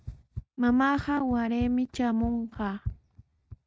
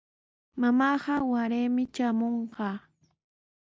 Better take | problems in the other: second | noise reduction (neural mask model RNNoise)

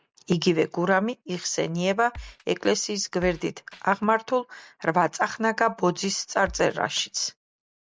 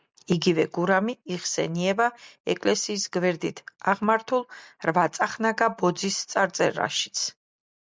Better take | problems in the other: second | background sound (Drum kit); 19 dB below the speech

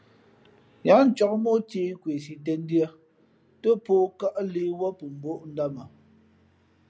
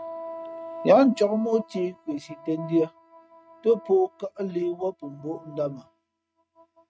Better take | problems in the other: first | noise reduction (neural mask model RNNoise)

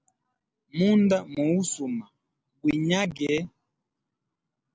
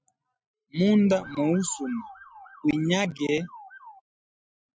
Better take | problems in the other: first | noise reduction (classical method Wiener filter)

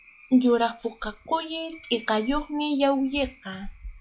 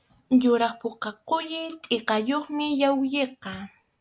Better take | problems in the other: second | noise reduction (classical method log-MMSE)

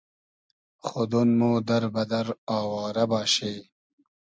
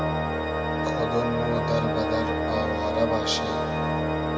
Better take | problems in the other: first | background sound (Organ); 4 dB above the speech // room echo; dies away in 1.4 s

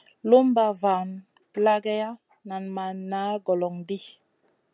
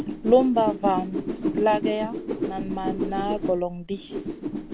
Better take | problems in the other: first | background sound (Whoosh, swoosh, swish); 4 dB below the speech

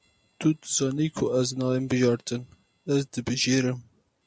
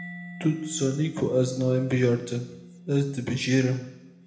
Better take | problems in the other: first | background sound (Mallet percussion); 17 dB below the speech // room echo; dies away in 0.9 s

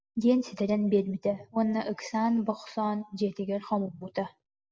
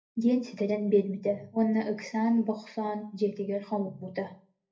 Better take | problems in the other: first | room echo; dies away in 0.3 s

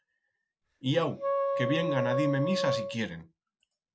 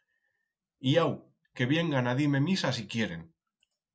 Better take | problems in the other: second | background sound (Wind instrument, woodwind instrument); 1 dB above the speech

